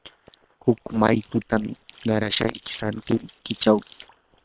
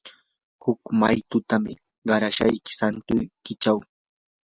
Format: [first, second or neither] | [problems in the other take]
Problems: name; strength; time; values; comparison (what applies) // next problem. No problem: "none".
second | noise reduction (neural separator model SepFormer WHAM!)